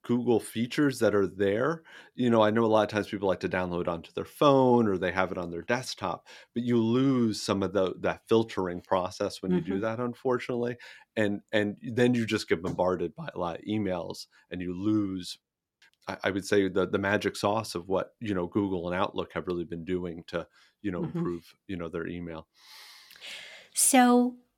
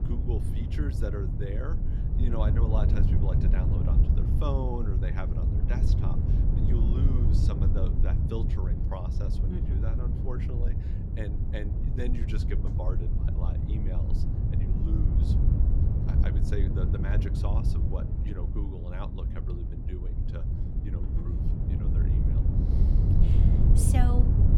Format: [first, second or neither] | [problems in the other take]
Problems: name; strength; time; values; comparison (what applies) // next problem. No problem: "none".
first | wind noise on the microphone; heavy; as loud as the speech